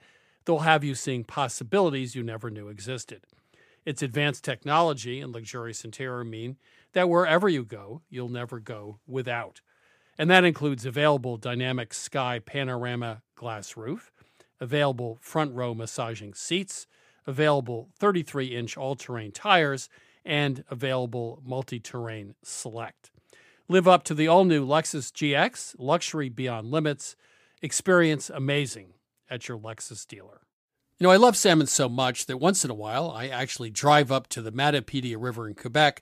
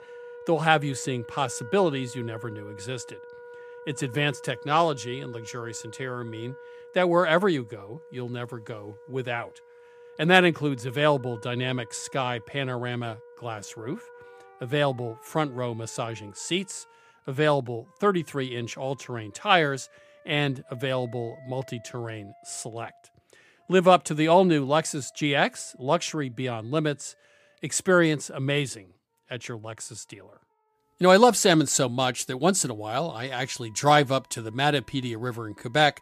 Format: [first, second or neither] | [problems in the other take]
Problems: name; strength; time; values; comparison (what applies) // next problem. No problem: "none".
first | background music; faint; throughout; 20 dB below the speech